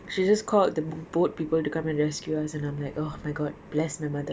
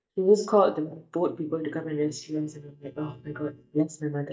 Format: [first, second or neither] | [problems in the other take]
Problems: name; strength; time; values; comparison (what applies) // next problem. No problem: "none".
first | noise reduction (neural mask model DeepFilterNet 3)